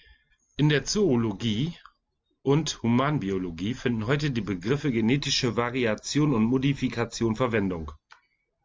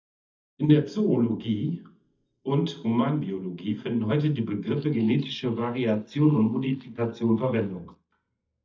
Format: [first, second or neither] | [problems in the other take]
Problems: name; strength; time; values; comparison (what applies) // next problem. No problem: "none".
first | noise reduction (neural mask model DeepFilterNet 3)